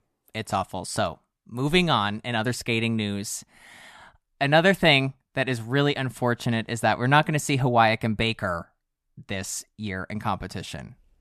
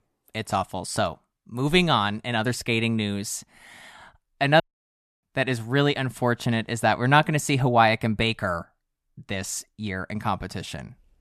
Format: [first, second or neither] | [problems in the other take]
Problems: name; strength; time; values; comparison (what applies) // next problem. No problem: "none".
first | audio cutting out; at 4.5 s for 0.5 s